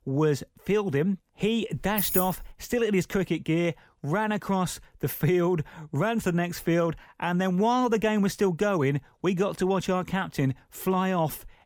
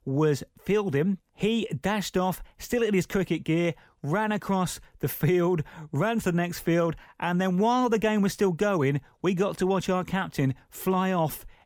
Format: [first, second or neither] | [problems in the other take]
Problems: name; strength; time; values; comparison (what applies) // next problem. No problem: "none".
second | jangling keys; loud; at 2 s; peak 2 dB above the speech